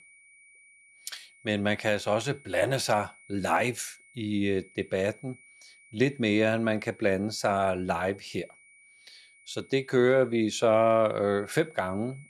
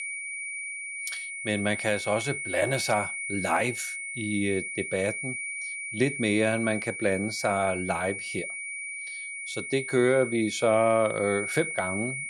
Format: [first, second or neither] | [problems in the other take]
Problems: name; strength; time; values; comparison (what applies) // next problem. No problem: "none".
first | high-pitched whine; loud; throughout; 2.5 kHz, 5 dB below the speech; faint in the first